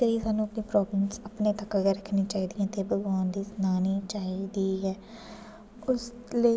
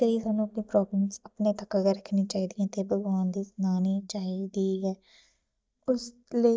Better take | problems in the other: first | noise reduction (neural mask model DeepFilterNet 3)

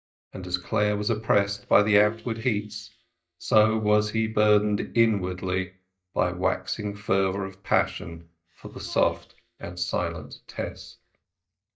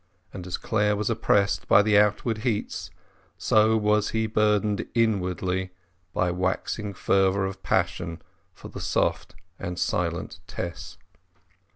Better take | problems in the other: second | noise reduction (neural mask model DeepFilterNet 3)

